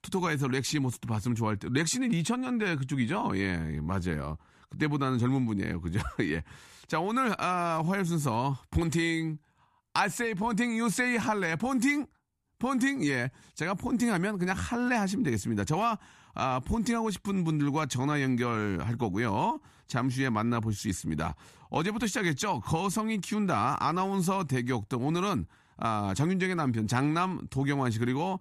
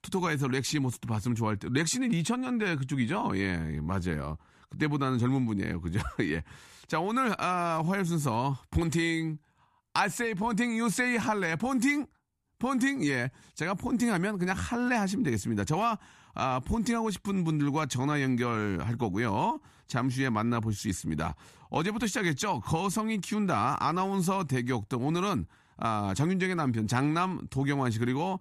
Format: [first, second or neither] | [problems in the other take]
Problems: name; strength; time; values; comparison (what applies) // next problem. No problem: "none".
neither | none